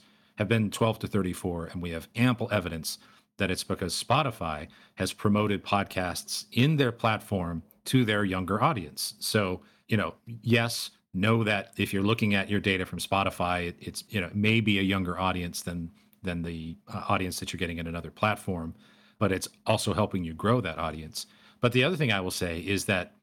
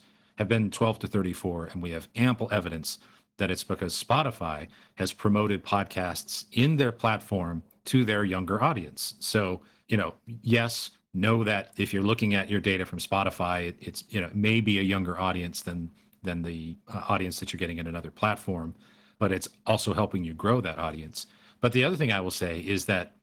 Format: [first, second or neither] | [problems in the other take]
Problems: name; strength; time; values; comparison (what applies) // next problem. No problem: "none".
first | garbled, watery; slightly; nothing above 18.5 kHz